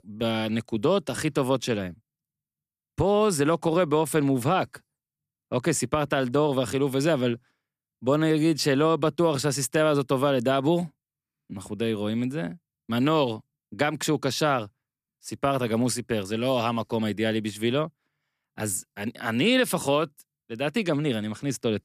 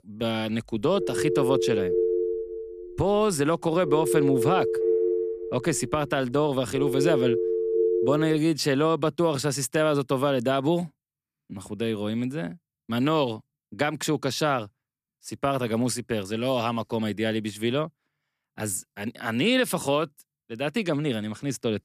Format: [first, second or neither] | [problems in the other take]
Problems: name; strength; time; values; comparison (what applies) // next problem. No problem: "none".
first | phone ringing; loud; from 1 to 8.5 s; peak 3 dB above the speech